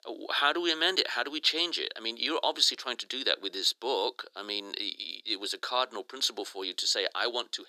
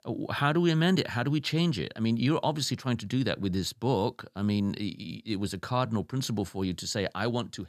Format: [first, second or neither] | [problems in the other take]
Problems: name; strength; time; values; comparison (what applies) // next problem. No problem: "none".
second | thin; very; fading below 350 Hz